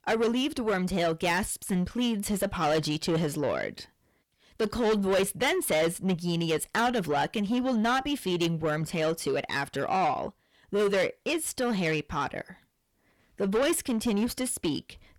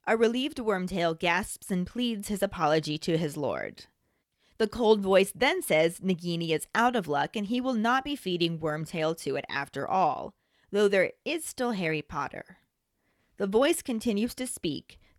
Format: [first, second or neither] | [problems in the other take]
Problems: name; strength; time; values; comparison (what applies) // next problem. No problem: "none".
second | distortion; heavy; 8 dB below the speech